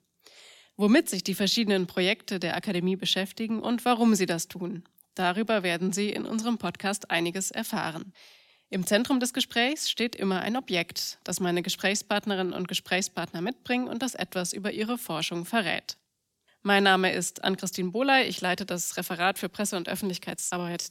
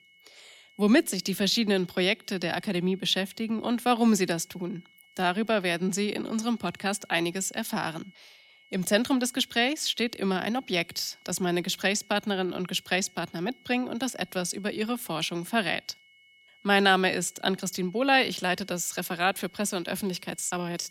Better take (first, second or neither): first